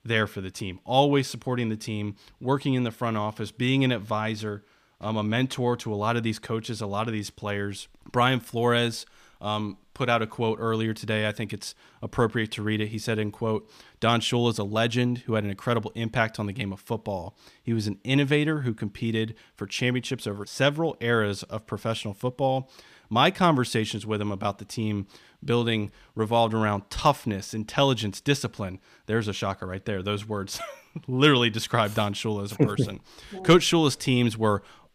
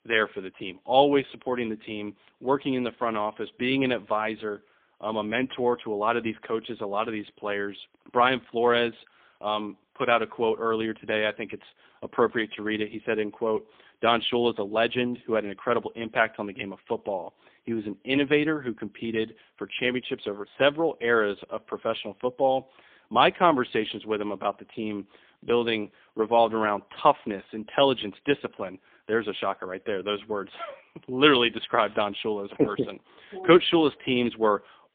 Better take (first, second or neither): first